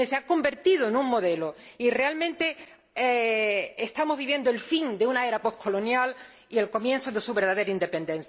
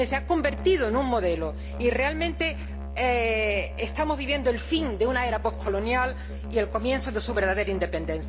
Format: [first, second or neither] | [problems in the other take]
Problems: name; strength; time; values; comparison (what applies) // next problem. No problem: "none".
first | background sound (Musical instrument); 7 dB below the speech